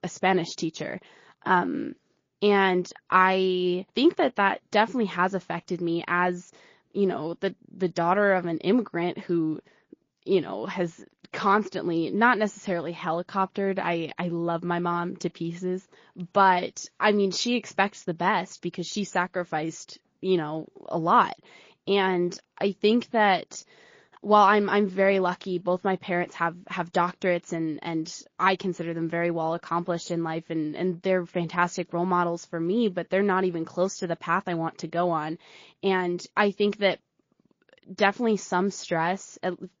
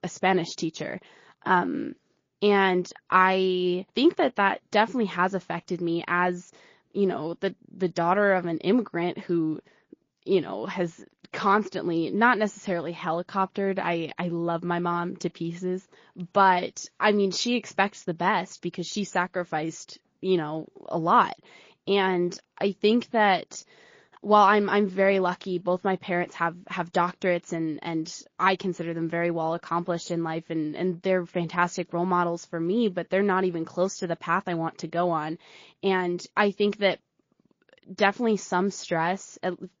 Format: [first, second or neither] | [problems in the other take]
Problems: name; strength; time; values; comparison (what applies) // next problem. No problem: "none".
neither | garbled, watery; slightly; the same in both